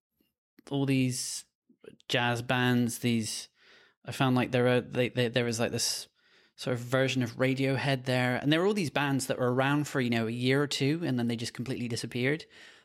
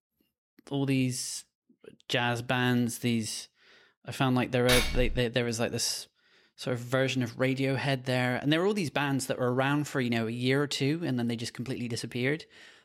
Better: first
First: none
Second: clattering dishes; loud; at 4.5 s; peak 2 dB above the speech

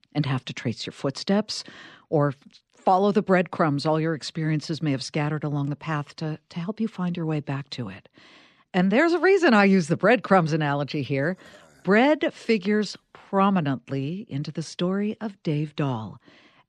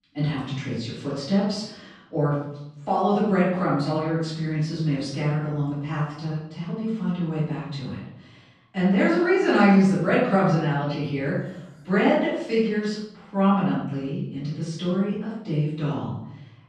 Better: first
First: none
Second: off-mic speech; far // room echo; noticeable; dies away in 0.7 s

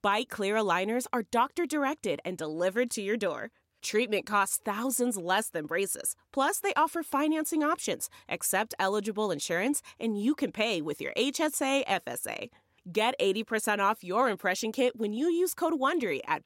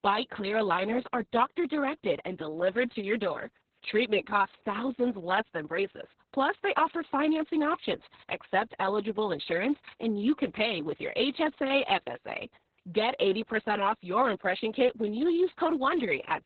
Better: first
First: none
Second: garbled, watery; badly; nothing above 4 kHz

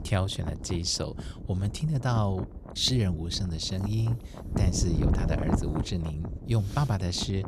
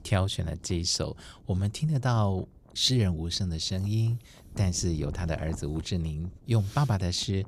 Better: second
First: wind noise on the microphone; heavy; 9 dB below the speech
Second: wind noise on the microphone; occasional gusts; 25 dB below the speech

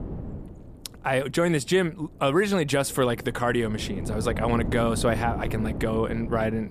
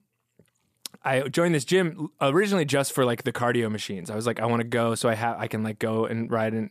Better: second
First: wind noise on the microphone; occasional gusts; 15 dB below the speech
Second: none

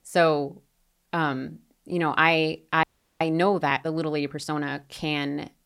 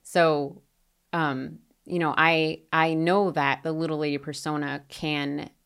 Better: second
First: audio freezing; at 3 s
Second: none

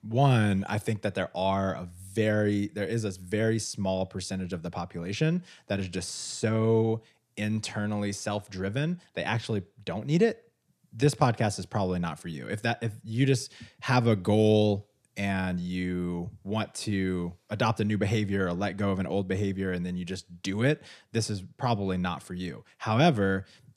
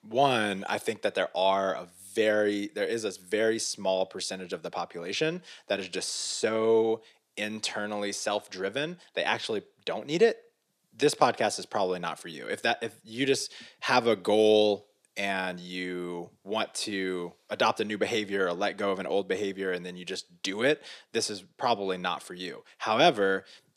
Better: first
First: none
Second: thin; somewhat; fading below 400 Hz

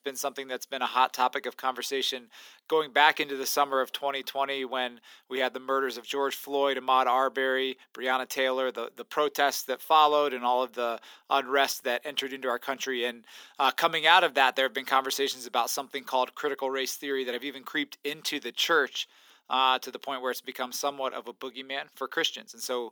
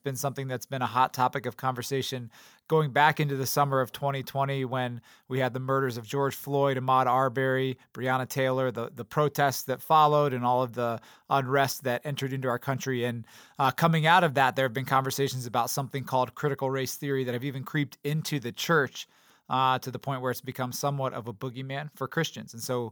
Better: second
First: thin; somewhat; fading below 300 Hz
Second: none

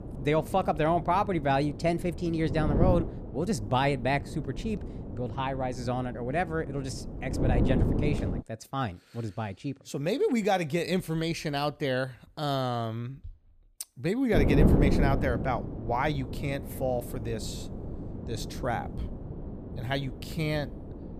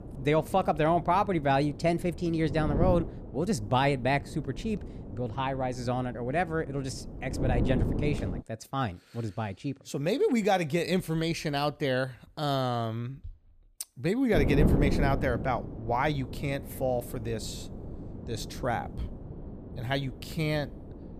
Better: second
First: wind noise on the microphone; heavy; until 8.5 s and from 14 s on; 9 dB below the speech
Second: wind noise on the microphone; occasional gusts; until 8.5 s and from 14 s on; 10 dB below the speech

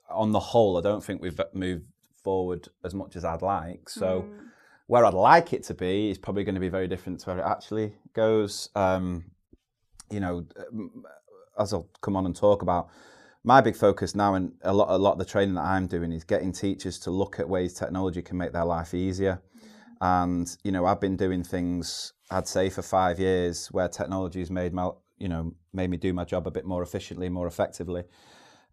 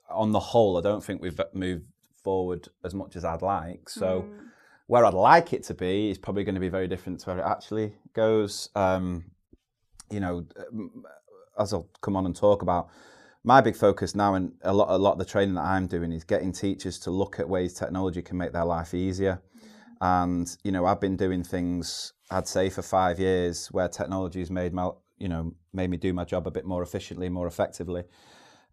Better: neither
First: none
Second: none

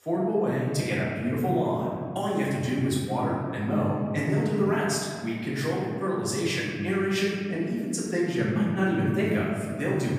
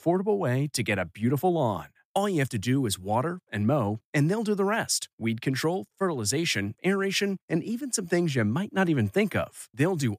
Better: second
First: room echo; noticeable; dies away in 1.9 s // off-mic speech; far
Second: none

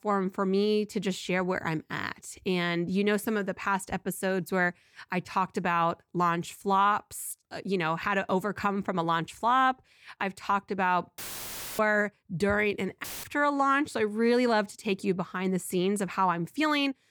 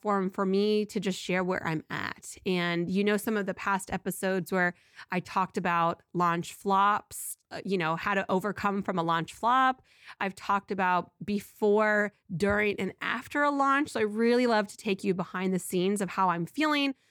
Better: second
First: audio cutting out; filled with static; at 11 s for 0.5 s and at 13 s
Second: none

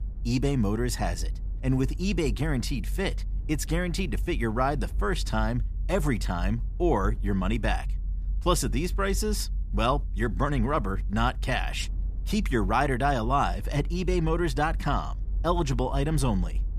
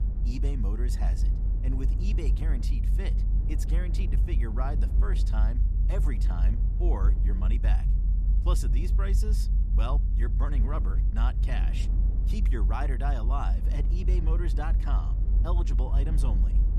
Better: first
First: low rumble; faint; throughout; 25 dB below the speech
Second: low rumble; loud; throughout; 6 dB below the speech

